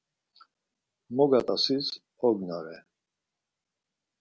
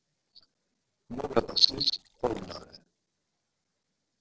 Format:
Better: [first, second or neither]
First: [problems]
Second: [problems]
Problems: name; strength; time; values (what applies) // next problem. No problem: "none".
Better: first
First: none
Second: noise reduction (neural separator model SepFormer DNS4)